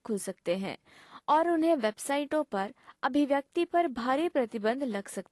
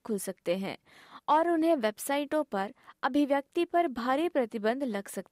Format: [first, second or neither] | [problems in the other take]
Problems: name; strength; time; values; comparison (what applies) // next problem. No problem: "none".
second | garbled, watery; slightly; nothing above 11.5 kHz